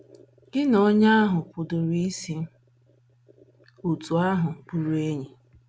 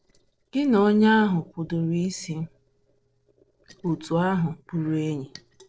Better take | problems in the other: first | noise reduction (neural separator model SepFormer DNS4)

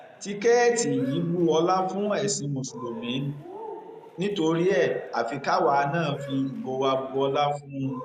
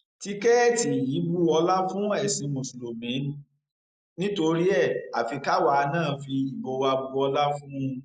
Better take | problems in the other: second | background sound (Cheering); 17 dB below the speech

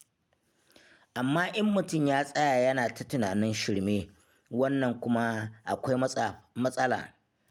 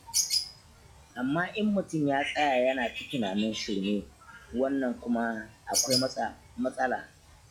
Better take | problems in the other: first | noise reduction (classical method log-MMSE)

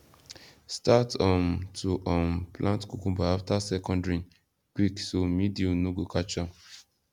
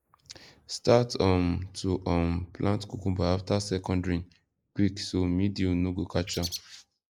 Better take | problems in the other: first | noise reduction (neural mask model Resemble Enhance denoiser)

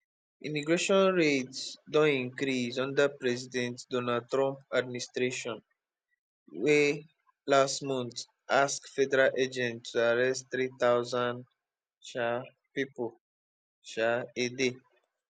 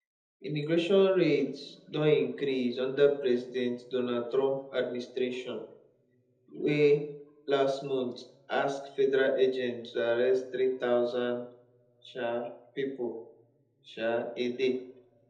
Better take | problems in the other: first | room echo; dies away in 0.8 s

